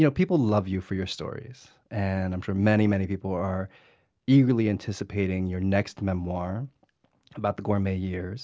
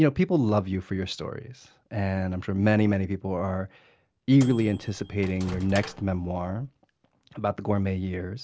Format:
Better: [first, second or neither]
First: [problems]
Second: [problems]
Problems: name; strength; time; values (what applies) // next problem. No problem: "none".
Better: first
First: none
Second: background sound (Microwave oven); 15 dB below the speech